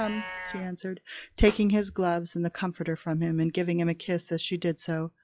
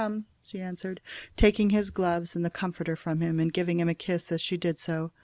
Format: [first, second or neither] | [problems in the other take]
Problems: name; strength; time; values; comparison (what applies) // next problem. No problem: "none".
second | noise reduction (classical method log-MMSE)